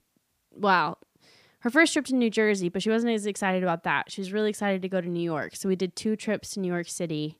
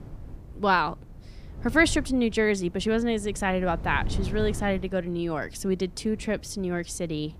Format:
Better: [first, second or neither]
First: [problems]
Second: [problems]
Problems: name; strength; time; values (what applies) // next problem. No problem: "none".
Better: first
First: none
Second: wind noise on the microphone; occasional gusts; 20 dB below the speech